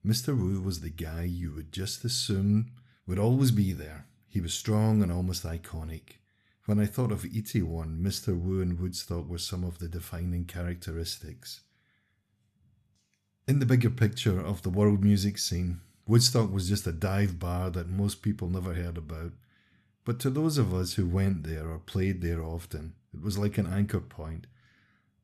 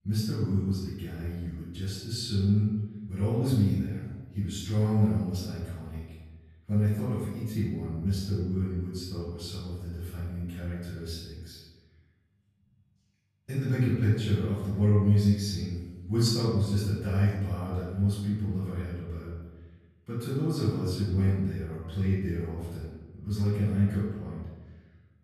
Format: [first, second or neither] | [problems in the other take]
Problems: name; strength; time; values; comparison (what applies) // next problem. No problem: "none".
first | off-mic speech; far // room echo; strong; dies away in 1.1 s